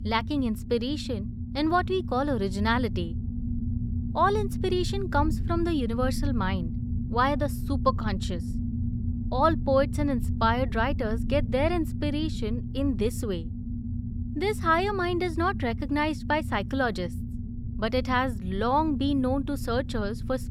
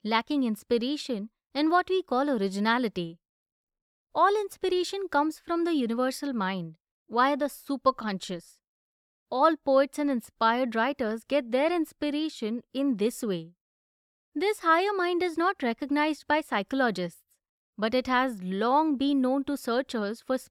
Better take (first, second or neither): second